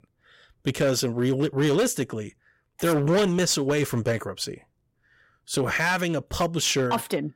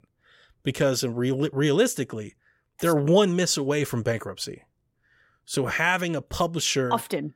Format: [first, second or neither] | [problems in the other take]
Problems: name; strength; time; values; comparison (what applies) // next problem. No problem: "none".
second | distortion; slight; 8% of the sound clipped